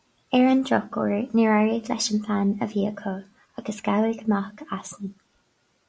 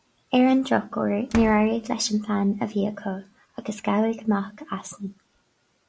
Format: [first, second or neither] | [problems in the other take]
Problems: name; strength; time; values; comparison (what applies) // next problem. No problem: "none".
first | background sound (Slam); 16 dB below the speech